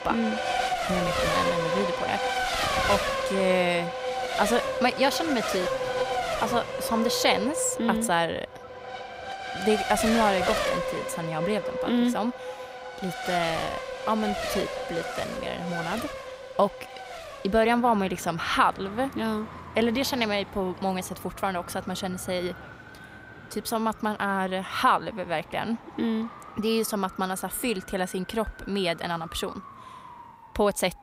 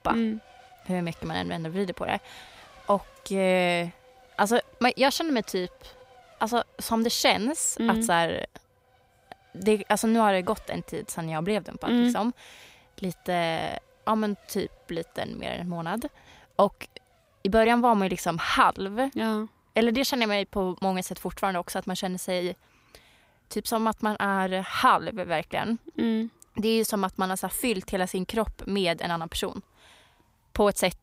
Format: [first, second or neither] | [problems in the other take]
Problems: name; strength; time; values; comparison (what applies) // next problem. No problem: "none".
second | traffic noise; loud; throughout; 2 dB below the speech; faint in the second